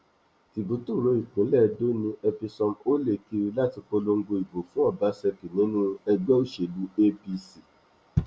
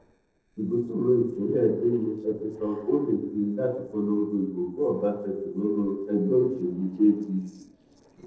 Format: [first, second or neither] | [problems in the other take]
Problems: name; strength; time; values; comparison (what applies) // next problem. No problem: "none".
first | noise reduction (neural separator model SepFormer DNS4)